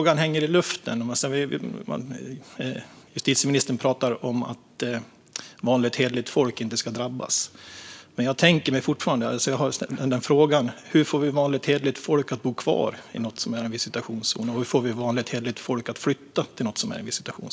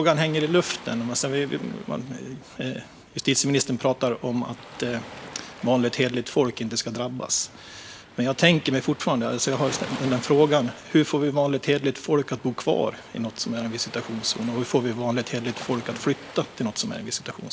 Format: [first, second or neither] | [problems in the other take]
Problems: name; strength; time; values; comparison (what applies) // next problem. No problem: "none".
first | background sound (Waves, surf); 18 dB below the speech